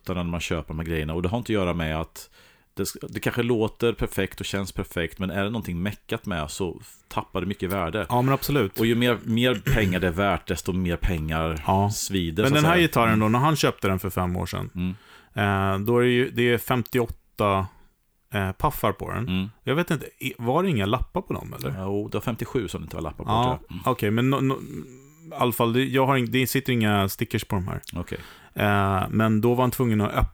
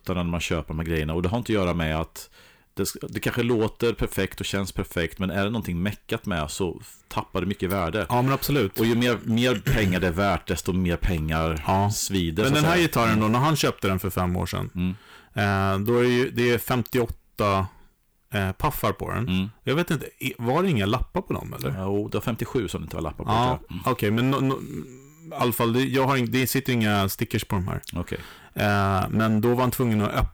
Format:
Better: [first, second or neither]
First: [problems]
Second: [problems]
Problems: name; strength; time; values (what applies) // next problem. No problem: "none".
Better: first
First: none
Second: distortion; slight; 6% of the sound clipped